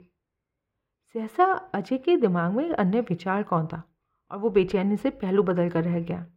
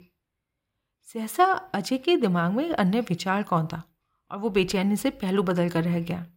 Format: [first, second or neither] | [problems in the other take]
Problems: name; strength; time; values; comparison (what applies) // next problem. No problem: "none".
second | muffled; very; fading above 3.5 kHz